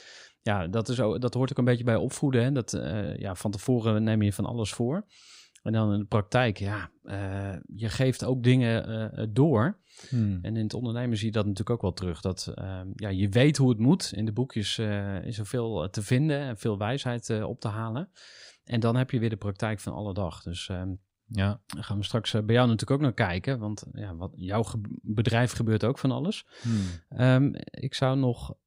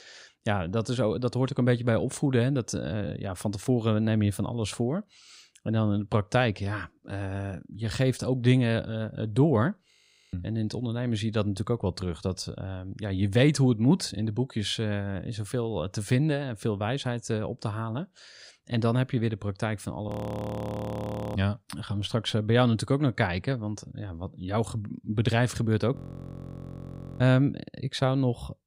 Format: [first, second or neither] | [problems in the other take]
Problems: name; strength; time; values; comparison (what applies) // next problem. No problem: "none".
first | audio freezing; at 10 s, at 20 s for 1.5 s and at 26 s for 1.5 s